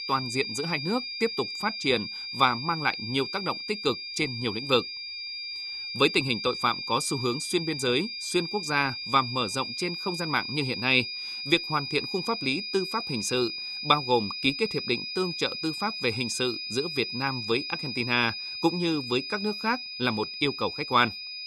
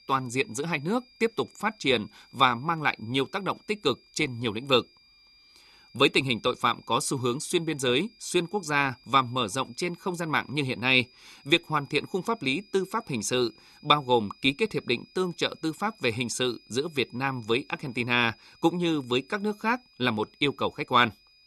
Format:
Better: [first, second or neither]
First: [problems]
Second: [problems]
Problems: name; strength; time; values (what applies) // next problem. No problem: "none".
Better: second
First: high-pitched whine; loud; throughout; 5 kHz, 5 dB below the speech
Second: high-pitched whine; faint; throughout; 5 kHz, 30 dB below the speech